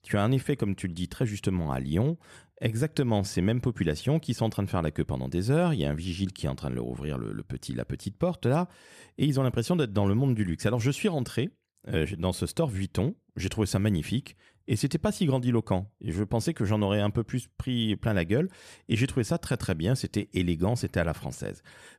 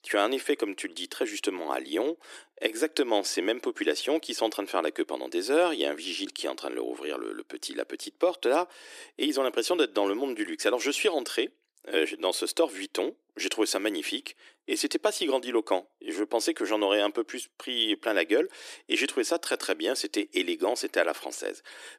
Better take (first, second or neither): first